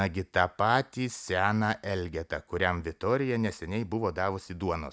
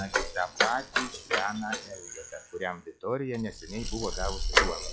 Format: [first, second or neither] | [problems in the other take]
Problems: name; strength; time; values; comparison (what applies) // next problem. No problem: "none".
first | noise reduction (classical method log-MMSE)